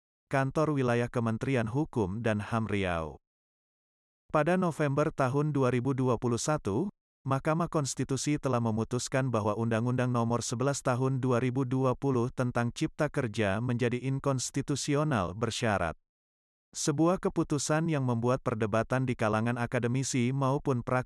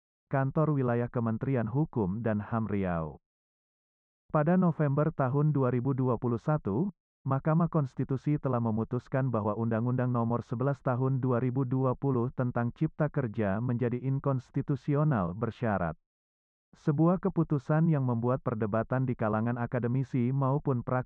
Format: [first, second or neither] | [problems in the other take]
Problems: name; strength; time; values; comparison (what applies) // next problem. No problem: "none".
first | muffled; very; fading above 1 kHz